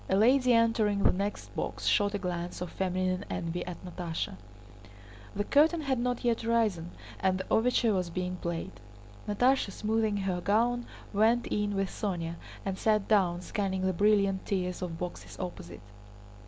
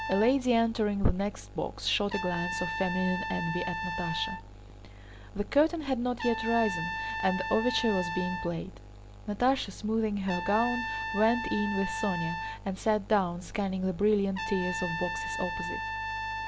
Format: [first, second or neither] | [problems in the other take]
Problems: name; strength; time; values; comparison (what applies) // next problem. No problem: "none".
first | background sound (Trumpet); 7 dB below the speech